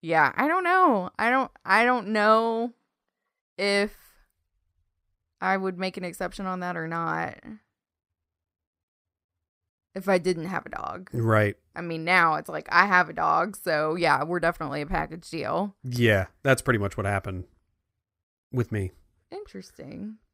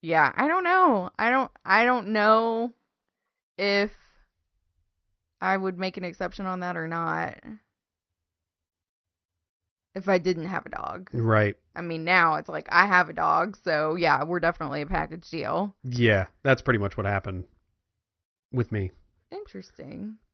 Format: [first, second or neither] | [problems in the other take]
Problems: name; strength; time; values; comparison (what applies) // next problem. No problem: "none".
first | garbled, watery; slightly; nothing above 5.5 kHz